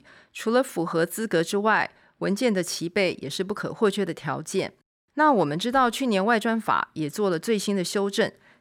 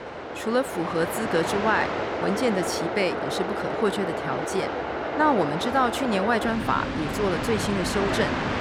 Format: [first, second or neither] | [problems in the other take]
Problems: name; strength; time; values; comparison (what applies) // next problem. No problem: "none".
first | train or aircraft noise; loud; throughout; 2 dB below the speech